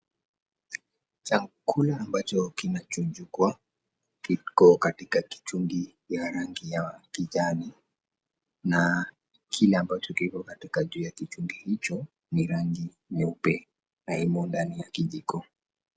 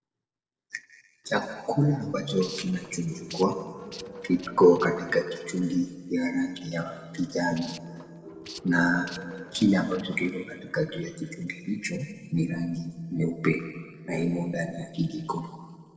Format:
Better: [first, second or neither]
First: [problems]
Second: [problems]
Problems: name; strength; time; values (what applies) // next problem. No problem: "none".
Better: first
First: none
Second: noise reduction (neural separator model SepFormer DNS4)